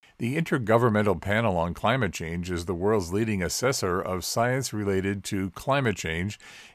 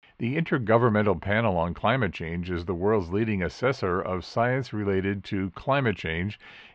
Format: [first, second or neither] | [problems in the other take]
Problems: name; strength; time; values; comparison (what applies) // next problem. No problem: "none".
first | muffled; slightly; fading above 3.5 kHz